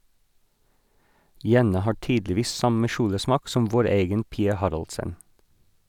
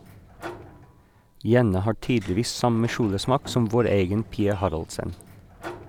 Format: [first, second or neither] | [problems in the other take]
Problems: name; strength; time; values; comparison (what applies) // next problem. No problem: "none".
first | background sound (Sliding door); 18 dB below the speech